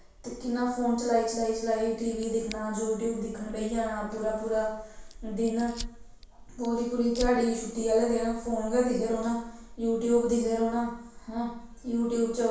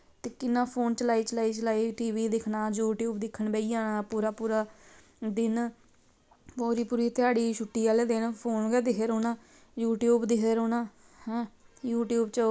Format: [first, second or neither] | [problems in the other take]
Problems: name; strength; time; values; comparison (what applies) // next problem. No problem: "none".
second | background sound (Fire); 15 dB below the speech // room echo; dies away in 0.7 s